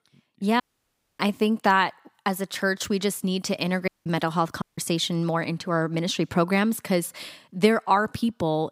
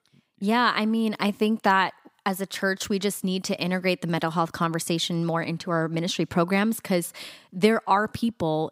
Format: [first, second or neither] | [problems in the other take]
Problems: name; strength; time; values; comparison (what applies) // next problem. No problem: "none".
second | audio cutting out; at 0.5 s for 0.5 s, at 4 s and at 4.5 s